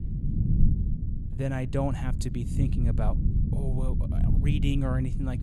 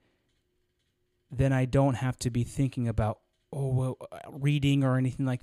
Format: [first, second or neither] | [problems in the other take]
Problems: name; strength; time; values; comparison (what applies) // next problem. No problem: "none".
second | low rumble; loud; throughout; 5 dB below the speech